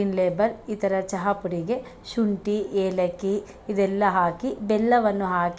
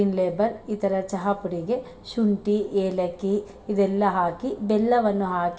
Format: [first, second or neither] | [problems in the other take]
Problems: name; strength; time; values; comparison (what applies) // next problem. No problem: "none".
first | room echo; dies away in 0.9 s